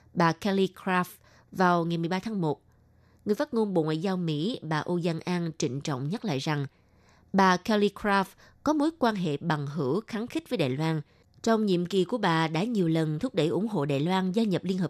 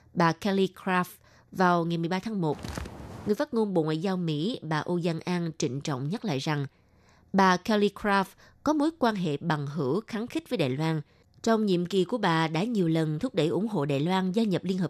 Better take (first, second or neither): first